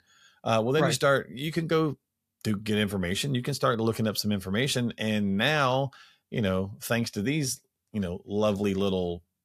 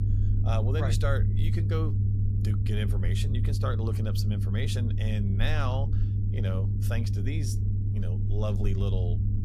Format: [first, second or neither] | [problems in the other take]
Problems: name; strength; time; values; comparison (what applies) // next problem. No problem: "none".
first | low rumble; loud; throughout; 4 dB below the speech